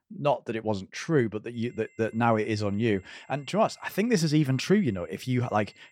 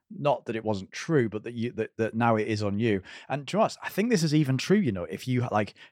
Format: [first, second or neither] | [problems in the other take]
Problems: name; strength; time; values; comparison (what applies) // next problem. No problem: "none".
second | high-pitched whine; faint; from 1.5 s on; 2 kHz, 30 dB below the speech